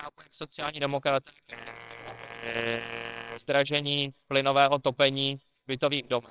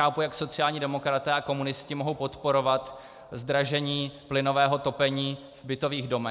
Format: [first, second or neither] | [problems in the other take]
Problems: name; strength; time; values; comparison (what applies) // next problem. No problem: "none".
second | noise reduction (neural separator model SepFormer WHAMR!)